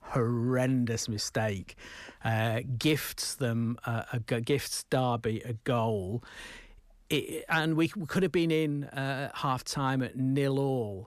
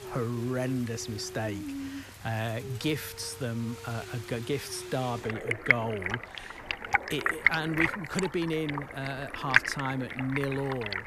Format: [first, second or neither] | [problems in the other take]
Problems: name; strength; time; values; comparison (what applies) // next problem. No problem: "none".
first | rain or running water; very loud; throughout; 2 dB above the speech